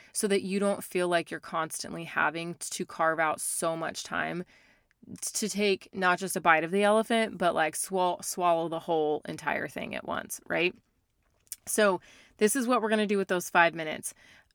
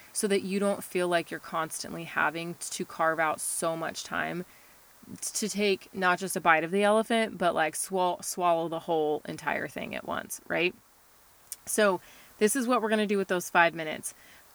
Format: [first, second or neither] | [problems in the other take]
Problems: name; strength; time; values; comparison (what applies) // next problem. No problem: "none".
first | hiss; faint; throughout; 25 dB below the speech